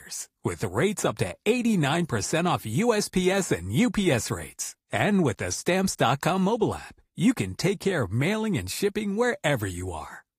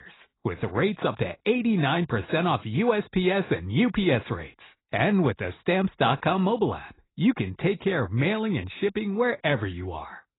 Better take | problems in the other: first | garbled, watery; badly; nothing above 4 kHz; slightly in the first

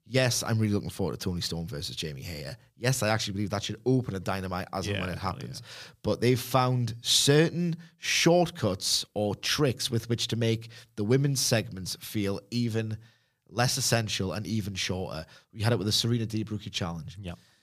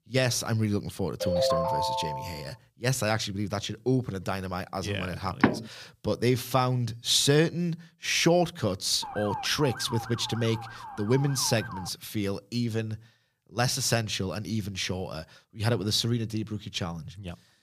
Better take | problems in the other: first | phone ringing; loud; from 1 to 2.5 s; peak 2 dB above the speech // door banging; loud; at 5.5 s; peak 2 dB above the speech // siren; noticeable; from 9 to 12 s; peak 8 dB below the speech

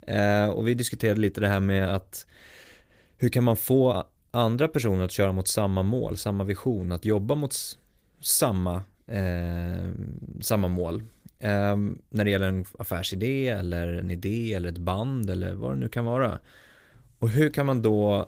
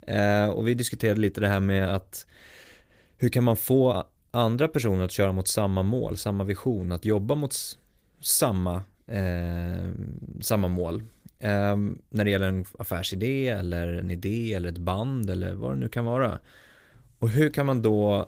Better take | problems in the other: neither | garbled, watery; slightly; nothing above 15.5 kHz; the same in both

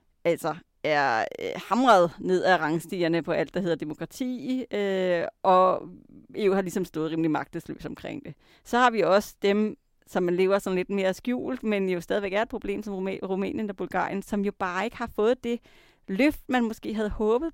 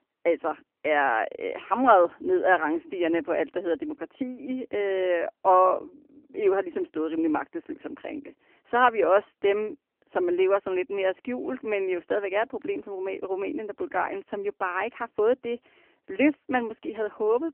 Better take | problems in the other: first | phone-call audio; nothing above 3 kHz

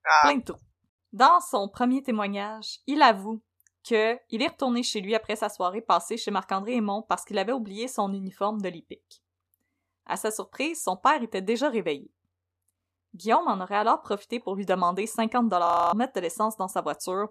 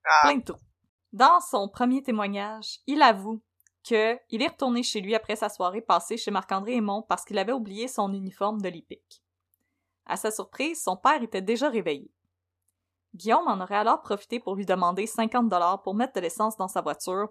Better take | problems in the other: second | audio freezing; at 16 s

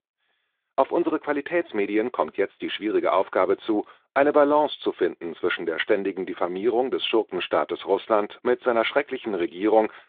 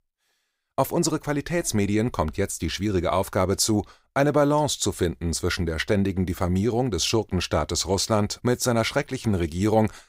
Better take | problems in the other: second | phone-call audio

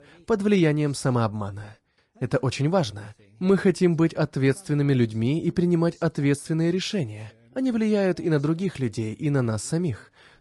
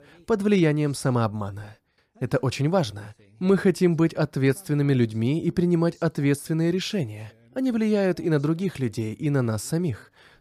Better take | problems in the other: second | garbled, watery; slightly; nothing above 10.5 kHz

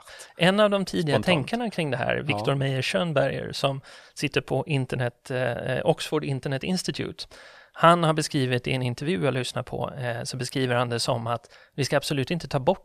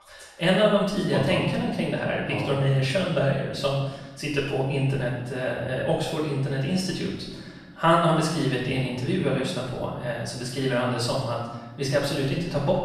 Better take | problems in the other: first | off-mic speech; far // room echo; noticeable; dies away in 1.1 s

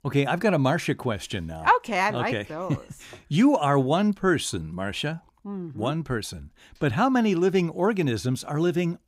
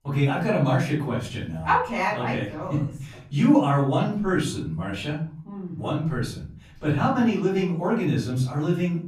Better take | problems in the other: first | off-mic speech; far // room echo; slight; dies away in 0.5 s

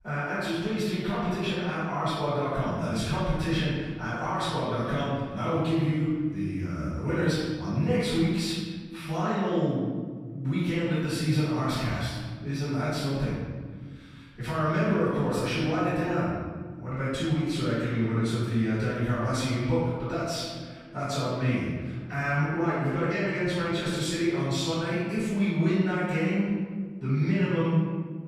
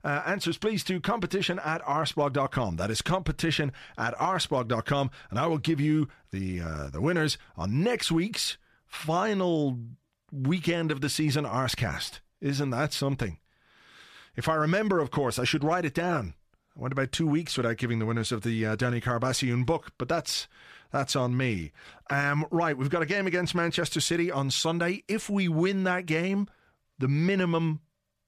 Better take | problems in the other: second | room echo; strong; dies away in 1.8 s // off-mic speech; far

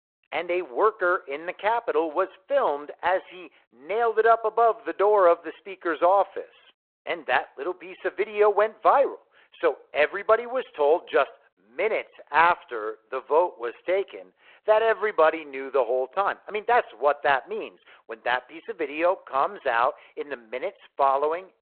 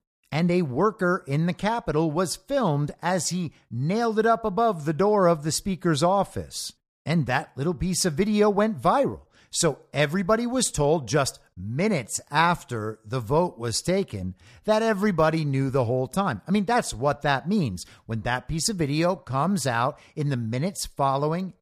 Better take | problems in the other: second | phone-call audio; nothing above 4 kHz

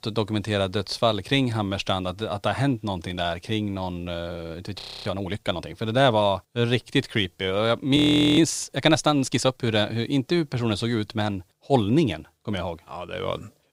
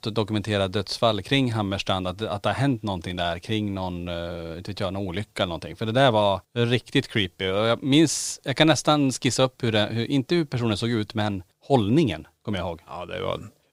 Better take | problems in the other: second | audio freezing; at 5 s and at 8 s

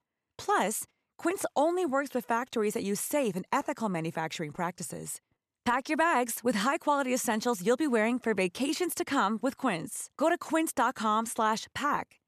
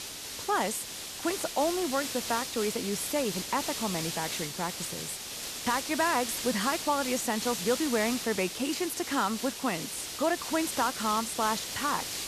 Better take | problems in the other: first | hiss; loud; throughout; 4 dB below the speech

